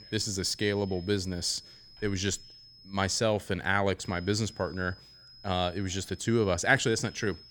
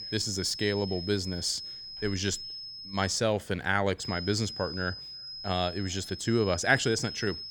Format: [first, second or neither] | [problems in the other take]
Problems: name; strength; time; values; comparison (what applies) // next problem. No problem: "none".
first | high-pitched whine; loud; until 3 s and from 4 s on; 5 kHz, 9 dB below the speech; faint in the first